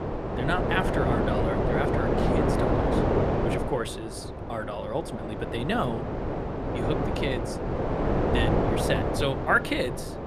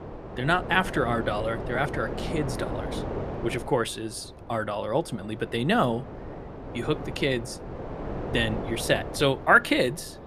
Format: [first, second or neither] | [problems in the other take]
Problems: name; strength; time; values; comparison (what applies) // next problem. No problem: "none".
second | wind noise on the microphone; heavy; 1 dB above the speech; occasional gusts in the second